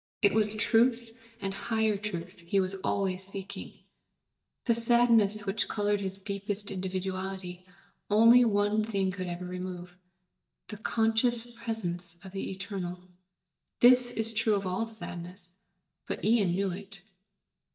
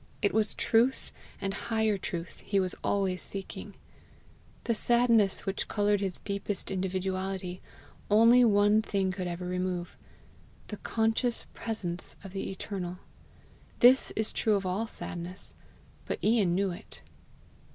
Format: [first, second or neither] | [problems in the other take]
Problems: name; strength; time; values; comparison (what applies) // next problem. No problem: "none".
second | noise reduction (neural mask model DeepFilterNet 3)